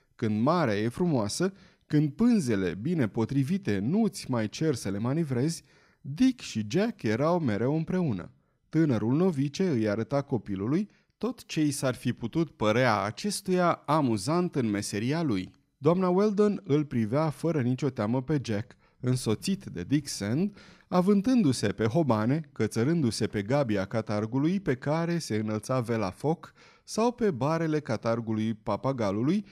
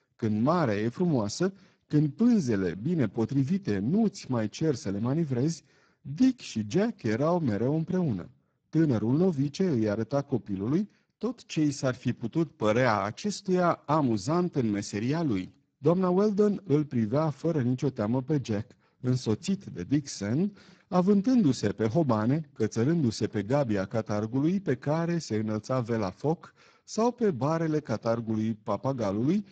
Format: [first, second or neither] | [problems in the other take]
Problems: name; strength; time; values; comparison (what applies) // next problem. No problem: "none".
first | garbled, watery; badly; nothing above 7.5 kHz